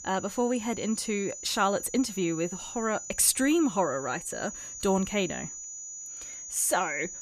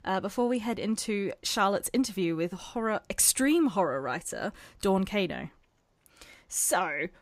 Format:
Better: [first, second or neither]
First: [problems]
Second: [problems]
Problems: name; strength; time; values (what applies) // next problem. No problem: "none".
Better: second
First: high-pitched whine; noticeable; throughout; 6.5 kHz, 10 dB below the speech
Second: none